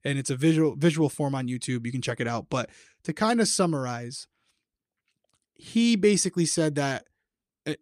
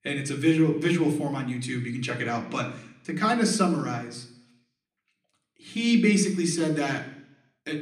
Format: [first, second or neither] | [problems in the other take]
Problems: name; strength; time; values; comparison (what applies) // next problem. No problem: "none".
first | room echo; slight; dies away in 0.8 s